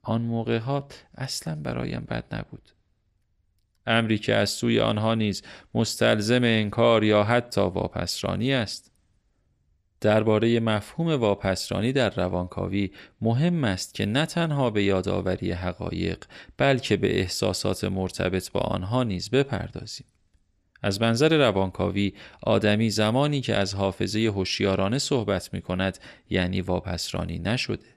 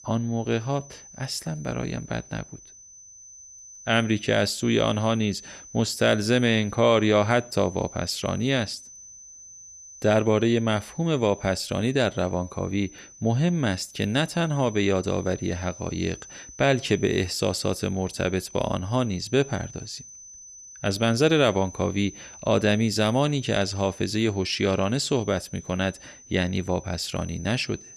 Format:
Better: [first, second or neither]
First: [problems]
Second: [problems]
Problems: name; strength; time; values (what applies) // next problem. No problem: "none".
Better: first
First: none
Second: high-pitched whine; noticeable; throughout; 6 kHz, 20 dB below the speech